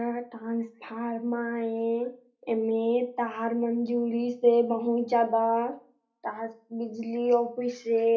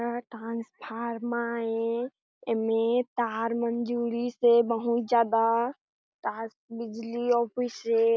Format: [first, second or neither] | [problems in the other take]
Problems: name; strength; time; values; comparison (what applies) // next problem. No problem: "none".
second | room echo; dies away in 0.3 s